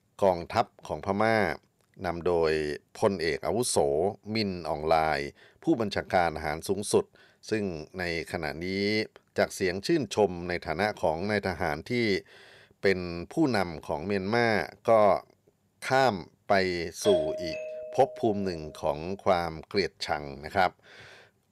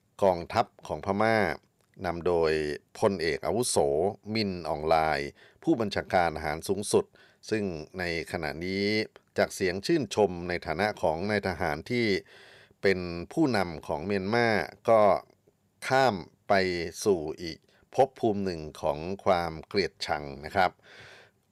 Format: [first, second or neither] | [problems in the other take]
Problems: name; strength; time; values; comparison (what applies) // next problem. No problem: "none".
second | doorbell; noticeable; from 17 to 18 s; peak 1 dB below the speech